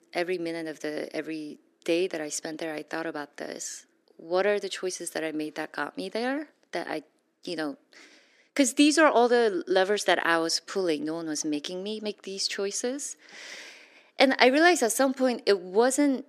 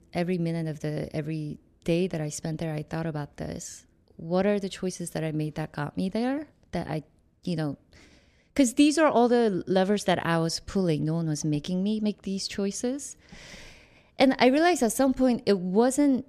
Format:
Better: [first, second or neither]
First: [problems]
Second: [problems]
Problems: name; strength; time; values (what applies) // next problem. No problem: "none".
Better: second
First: thin; very slightly; fading below 300 Hz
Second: none